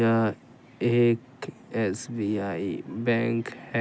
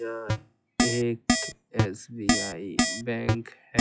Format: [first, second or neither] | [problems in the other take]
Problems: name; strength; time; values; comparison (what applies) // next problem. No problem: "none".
first | noise reduction (classical method log-MMSE)